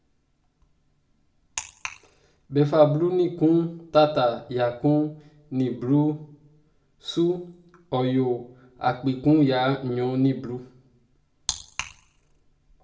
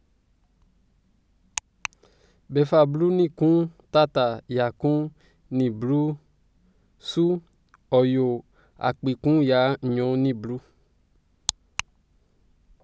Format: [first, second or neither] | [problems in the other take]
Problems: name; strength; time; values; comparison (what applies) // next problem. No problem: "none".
second | room echo; dies away in 0.4 s